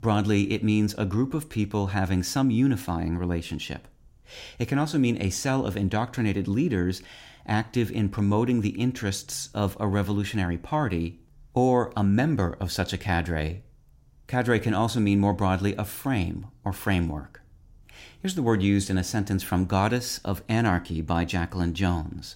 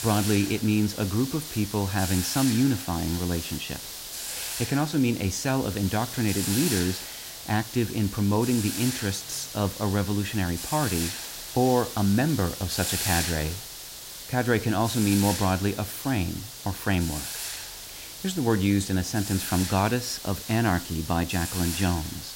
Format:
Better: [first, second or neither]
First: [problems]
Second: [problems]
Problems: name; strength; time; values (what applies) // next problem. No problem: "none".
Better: first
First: none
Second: hiss; loud; throughout; 6 dB below the speech